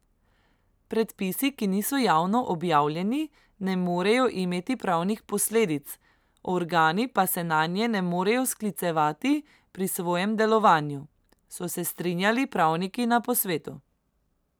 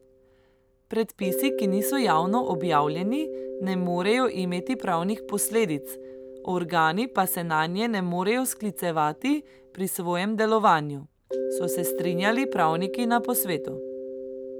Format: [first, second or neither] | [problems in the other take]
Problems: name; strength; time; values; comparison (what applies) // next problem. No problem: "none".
first | background sound (Mallet percussion); 8 dB below the speech